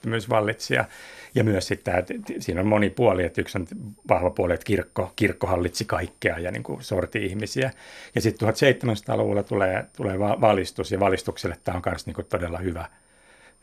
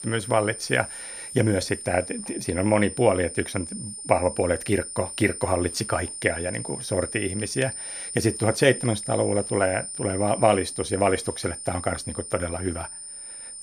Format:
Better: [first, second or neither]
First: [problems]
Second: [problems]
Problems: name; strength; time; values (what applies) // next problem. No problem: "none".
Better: first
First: high-pitched whine; faint; throughout; 9 kHz, 35 dB below the speech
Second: high-pitched whine; loud; throughout; 9 kHz, 8 dB below the speech